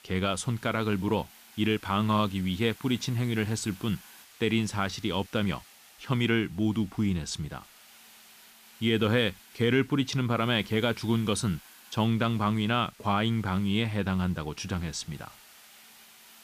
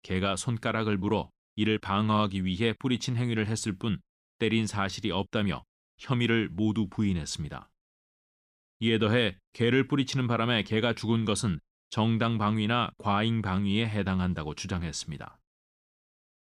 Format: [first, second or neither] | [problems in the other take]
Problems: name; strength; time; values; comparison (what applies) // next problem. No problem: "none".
second | hiss; faint; throughout; 25 dB below the speech